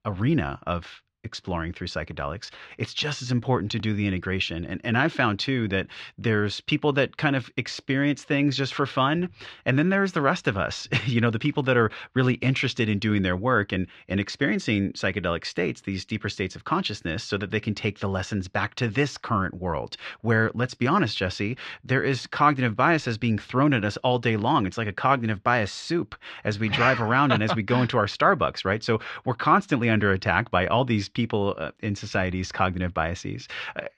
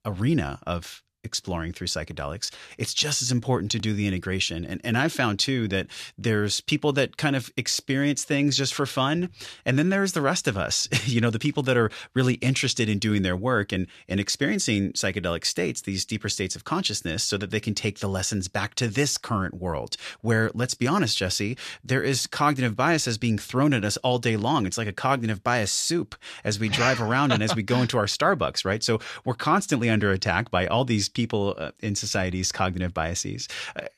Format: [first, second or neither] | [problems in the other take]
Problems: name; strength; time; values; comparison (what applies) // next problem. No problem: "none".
second | muffled; slightly; fading above 2.5 kHz